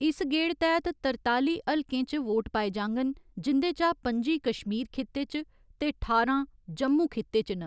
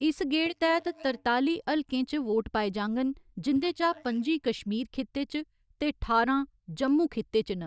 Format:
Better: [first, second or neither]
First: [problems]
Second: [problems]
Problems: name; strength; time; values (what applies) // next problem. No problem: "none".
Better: first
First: none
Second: noise reduction (neural mask model DeepFilterNet 3)